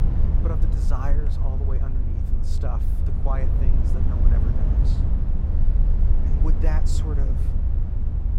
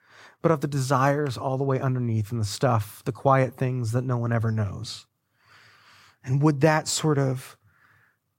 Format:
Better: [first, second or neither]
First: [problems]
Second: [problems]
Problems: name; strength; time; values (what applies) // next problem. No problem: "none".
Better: second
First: low rumble; loud; throughout; 1 dB below the speech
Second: none